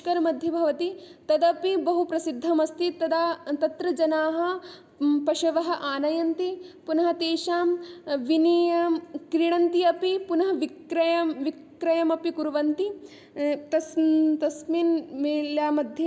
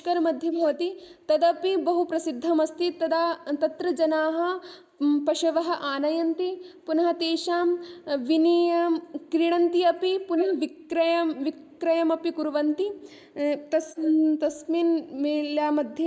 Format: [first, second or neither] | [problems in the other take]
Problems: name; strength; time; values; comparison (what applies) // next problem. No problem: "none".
first | noise reduction (neural mask model Resemble Enhance denoiser)